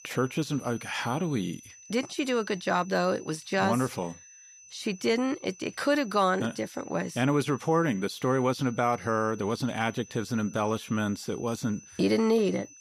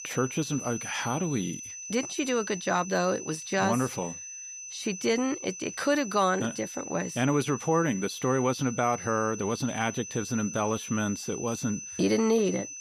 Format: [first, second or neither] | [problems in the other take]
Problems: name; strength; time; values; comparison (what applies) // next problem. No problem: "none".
first | high-pitched whine; loud; throughout; 6 kHz, 9 dB below the speech; faint in the first